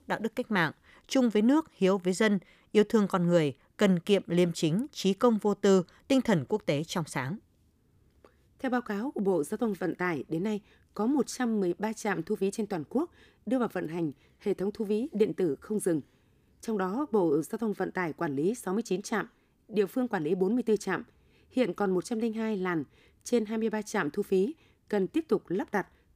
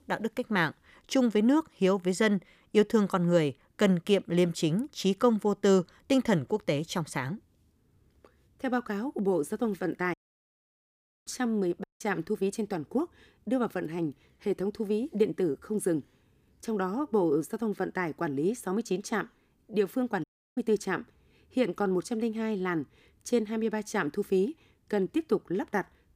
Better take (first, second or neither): first